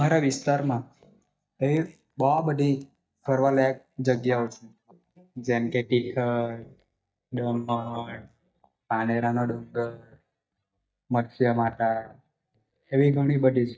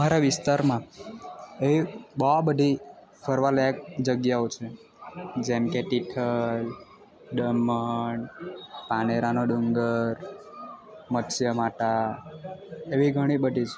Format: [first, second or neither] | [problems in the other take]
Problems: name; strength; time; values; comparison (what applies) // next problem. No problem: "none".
second | noise reduction (neural mask model DeepFilterNet 3)